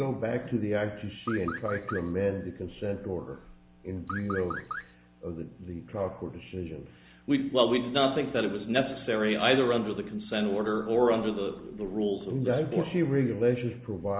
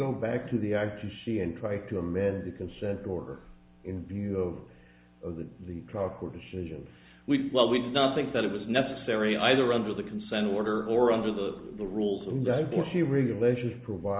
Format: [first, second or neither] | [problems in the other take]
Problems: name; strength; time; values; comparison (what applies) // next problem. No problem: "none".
second | background sound (Car); 10 dB below the speech